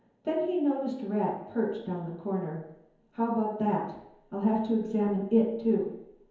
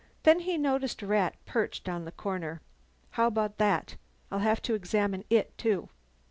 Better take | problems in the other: second | room echo; dies away in 0.9 s

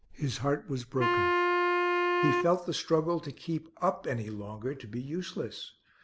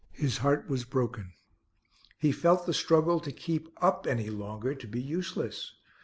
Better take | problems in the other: second | background sound (Wind instrument, woodwind instrument); 3 dB above the speech

